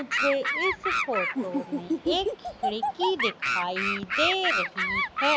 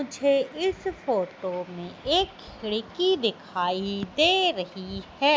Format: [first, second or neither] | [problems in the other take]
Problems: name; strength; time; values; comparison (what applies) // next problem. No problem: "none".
second | background sound (Animal); 2 dB above the speech